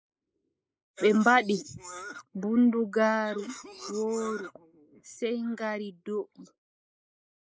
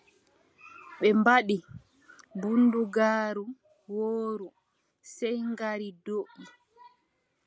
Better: second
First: noise reduction (neural mask model Resemble Enhance denoiser)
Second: none

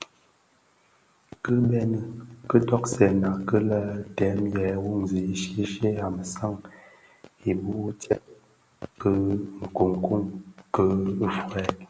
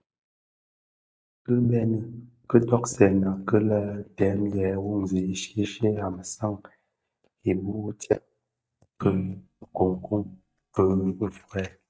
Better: first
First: none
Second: noise reduction (neural mask model DeepFilterNet 3)

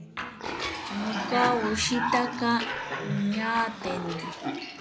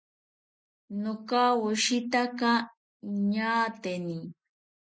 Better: second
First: background sound (Cough); 3 dB below the speech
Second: none

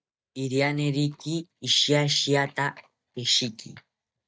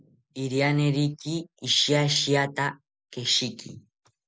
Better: second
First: noise reduction (neural mask model DeepFilterNet 3)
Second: none

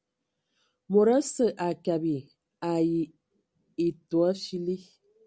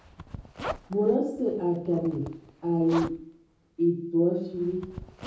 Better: first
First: none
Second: background sound (Zipper (clothing)); 14 dB below the speech // room echo; dies away in 0.7 s

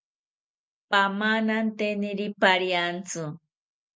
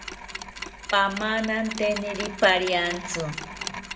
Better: first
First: none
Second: background sound (Mechanisms); 10 dB below the speech // room echo; dies away in 0.8 s

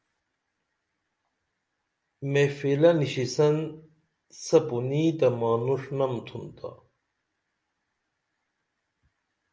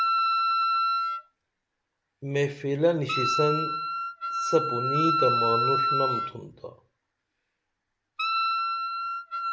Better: first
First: none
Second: background sound (Wind instrument, woodwind instrument); 3 dB above the speech

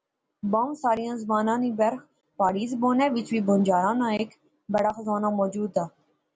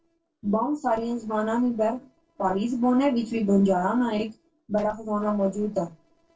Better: first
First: none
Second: noise reduction (neural separator model SepFormer DNS4)

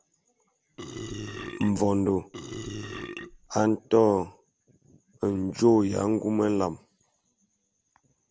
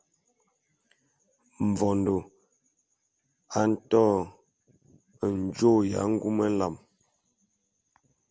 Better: second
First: background sound (Burping, eructation); 11 dB below the speech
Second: none

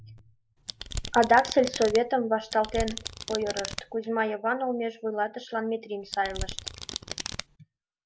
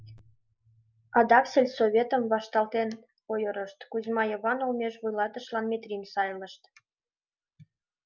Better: second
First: background sound (Domestic sounds, home sounds); 8 dB below the speech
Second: none

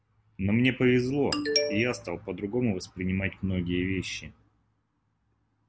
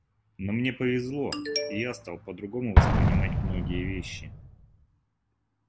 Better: first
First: none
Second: background sound (Explosion); 4 dB above the speech

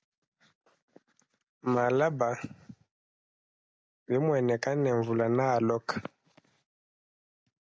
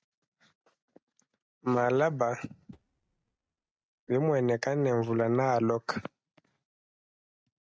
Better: first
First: none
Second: noise reduction (neural mask model RNNoise)

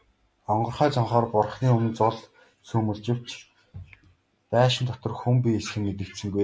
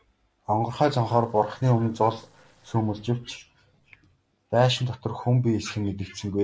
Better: first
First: none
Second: noise reduction (neural separator model SepFormer DNS4)

